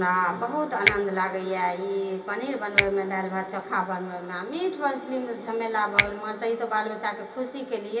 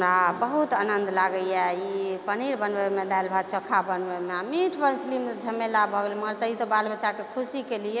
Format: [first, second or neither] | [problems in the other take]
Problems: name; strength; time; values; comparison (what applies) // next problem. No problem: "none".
second | background sound (Finger snapping); 4 dB below the speech // room echo; dies away in 0.2 s